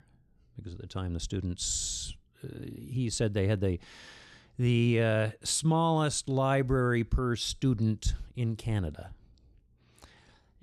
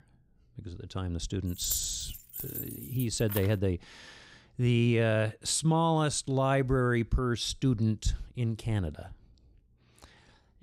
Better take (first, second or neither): first